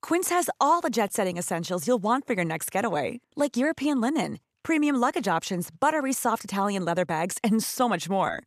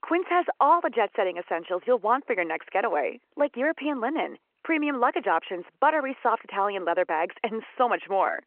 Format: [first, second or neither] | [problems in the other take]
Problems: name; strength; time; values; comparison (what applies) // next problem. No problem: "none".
first | phone-call audio